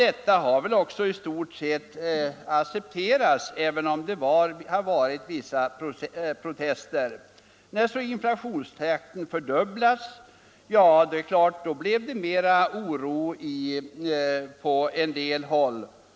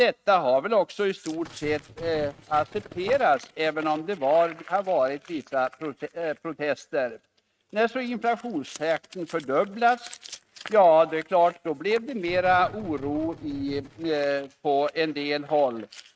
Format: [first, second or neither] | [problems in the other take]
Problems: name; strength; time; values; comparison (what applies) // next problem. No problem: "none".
first | noise reduction (neural mask model RNNoise)